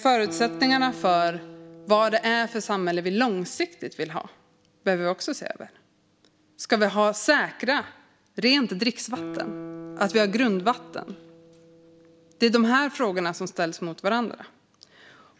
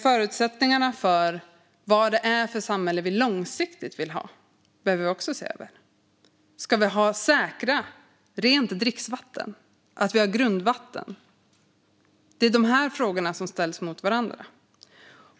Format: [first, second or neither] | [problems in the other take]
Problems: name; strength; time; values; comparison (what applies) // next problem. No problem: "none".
second | background sound (Guitar); 18 dB below the speech